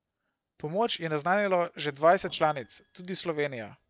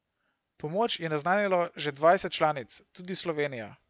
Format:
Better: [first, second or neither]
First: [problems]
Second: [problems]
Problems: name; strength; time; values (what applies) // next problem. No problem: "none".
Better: second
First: noise reduction (neural separator model SepFormer DNS4)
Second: none